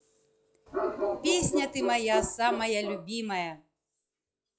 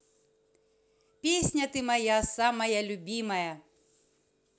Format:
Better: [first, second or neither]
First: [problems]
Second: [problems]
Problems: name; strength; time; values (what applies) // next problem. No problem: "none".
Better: second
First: noise reduction (classical method log-MMSE)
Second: none